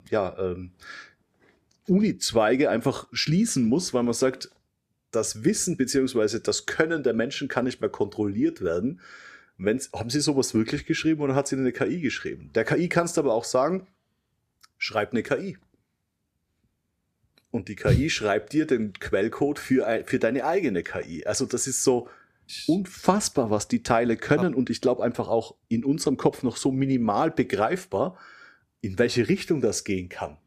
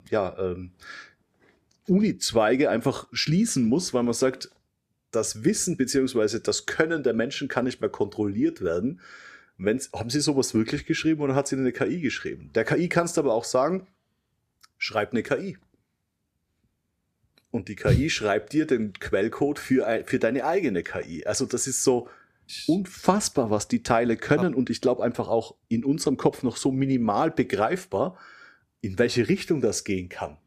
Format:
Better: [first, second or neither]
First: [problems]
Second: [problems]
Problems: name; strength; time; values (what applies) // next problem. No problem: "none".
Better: neither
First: none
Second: none